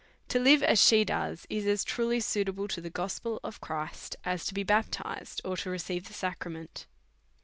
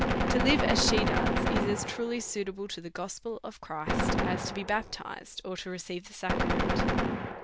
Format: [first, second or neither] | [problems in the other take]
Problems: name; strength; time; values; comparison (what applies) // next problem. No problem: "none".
first | background sound (Gunshot, gunfire); 3 dB above the speech